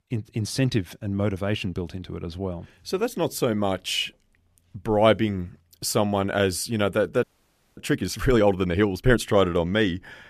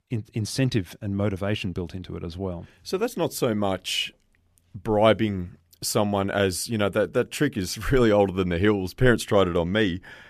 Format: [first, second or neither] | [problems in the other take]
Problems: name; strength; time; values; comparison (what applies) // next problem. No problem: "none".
second | audio freezing; at 7 s for 0.5 s